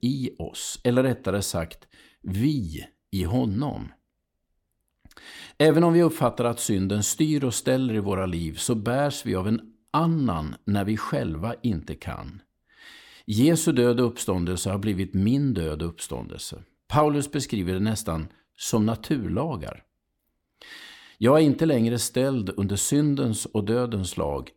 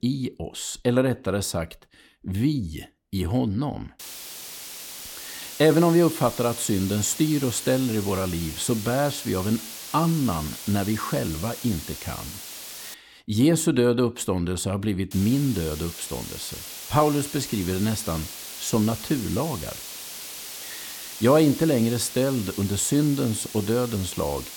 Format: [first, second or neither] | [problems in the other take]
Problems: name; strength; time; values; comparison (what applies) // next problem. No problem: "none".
first | hiss; noticeable; from 4 to 13 s and from 15 s on; 10 dB below the speech